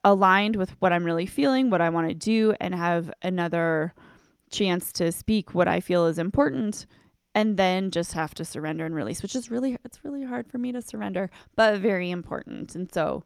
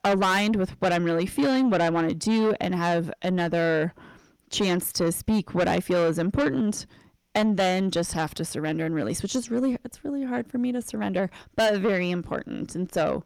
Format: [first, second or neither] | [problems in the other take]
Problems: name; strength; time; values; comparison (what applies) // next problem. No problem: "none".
first | distortion; heavy; 8 dB below the speech